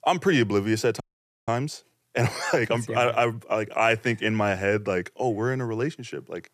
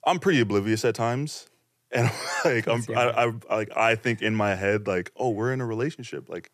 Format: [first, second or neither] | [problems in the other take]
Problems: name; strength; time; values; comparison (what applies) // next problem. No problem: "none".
second | audio freezing; at 1 s